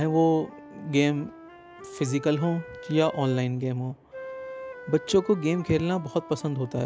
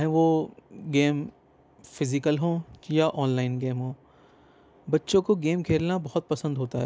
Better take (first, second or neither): second